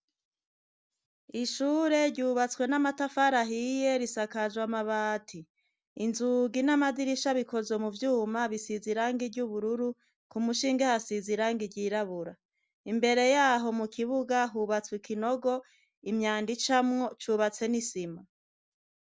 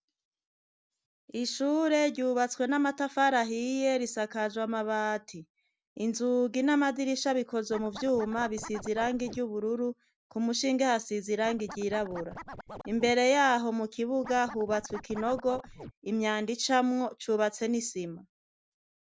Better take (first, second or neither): first